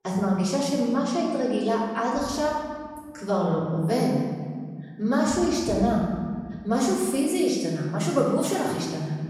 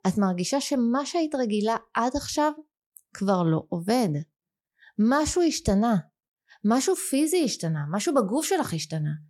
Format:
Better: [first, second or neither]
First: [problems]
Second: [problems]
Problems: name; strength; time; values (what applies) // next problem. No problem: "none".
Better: second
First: off-mic speech; far // room echo; noticeable; dies away in 1.6 s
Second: none